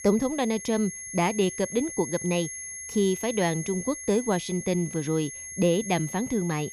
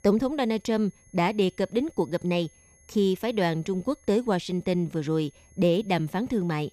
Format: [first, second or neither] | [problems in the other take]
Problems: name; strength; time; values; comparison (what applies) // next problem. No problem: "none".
second | high-pitched whine; loud; throughout; 6.5 kHz, 9 dB below the speech; faint in the second